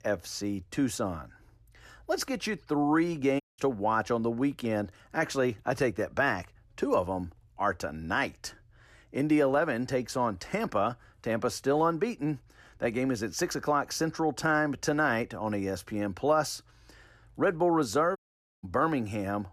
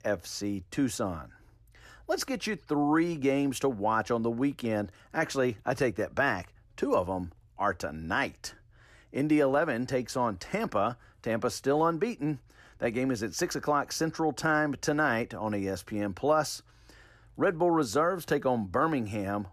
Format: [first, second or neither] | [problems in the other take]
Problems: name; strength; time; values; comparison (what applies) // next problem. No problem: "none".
second | audio cutting out; at 3.5 s and at 18 s